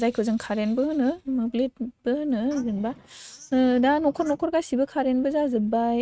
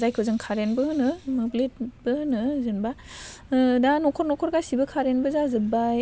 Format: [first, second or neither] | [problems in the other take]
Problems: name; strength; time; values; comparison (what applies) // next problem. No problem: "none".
second | noise reduction (neural mask model RNNoise)